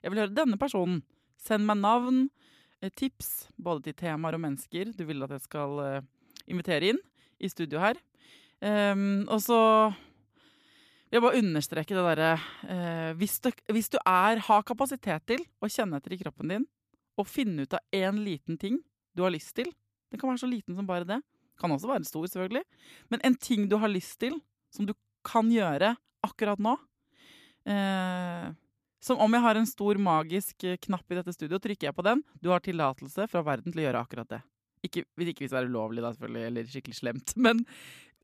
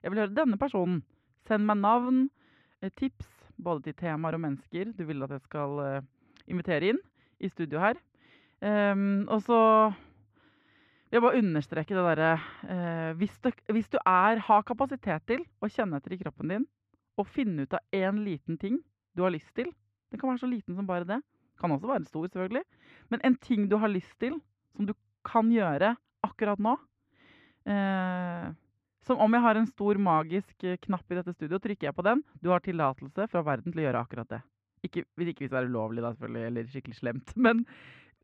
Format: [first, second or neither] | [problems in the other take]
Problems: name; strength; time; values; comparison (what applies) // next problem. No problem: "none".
first | muffled; very; fading above 2 kHz